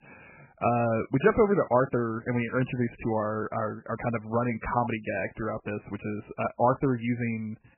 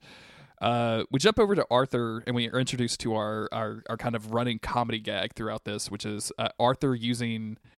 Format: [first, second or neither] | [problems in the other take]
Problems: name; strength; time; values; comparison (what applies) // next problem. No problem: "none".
second | garbled, watery; badly; nothing above 2.5 kHz